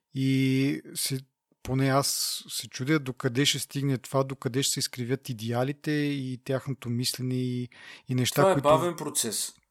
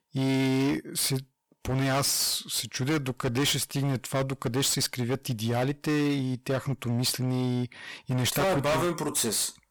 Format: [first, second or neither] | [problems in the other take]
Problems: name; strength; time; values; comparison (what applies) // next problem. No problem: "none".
first | distortion; heavy; 21% of the sound clipped